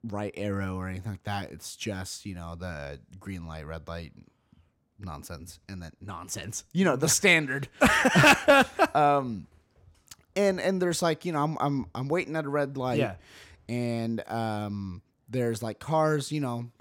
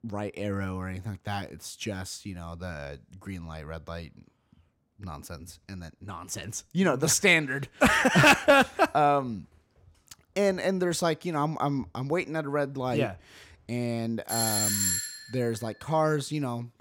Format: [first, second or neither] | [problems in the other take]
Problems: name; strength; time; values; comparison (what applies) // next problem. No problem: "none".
first | doorbell; loud; at 14 s; peak 3 dB above the speech